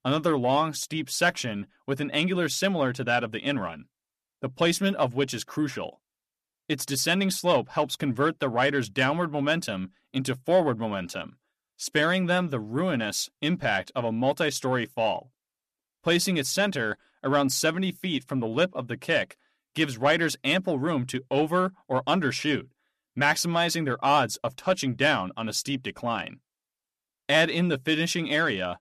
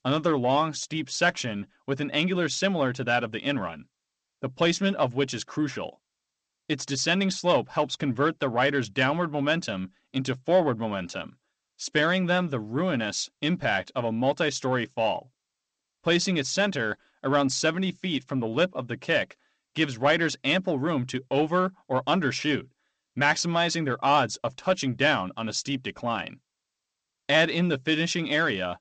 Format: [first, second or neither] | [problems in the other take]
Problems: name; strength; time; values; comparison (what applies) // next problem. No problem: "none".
first | garbled, watery; slightly; nothing above 7.5 kHz